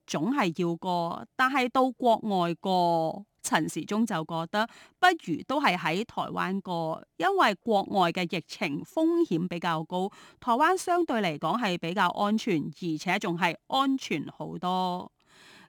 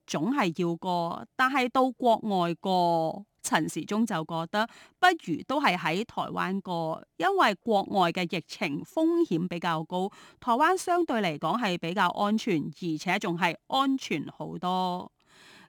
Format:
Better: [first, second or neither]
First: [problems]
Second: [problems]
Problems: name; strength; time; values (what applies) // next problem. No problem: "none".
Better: neither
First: none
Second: none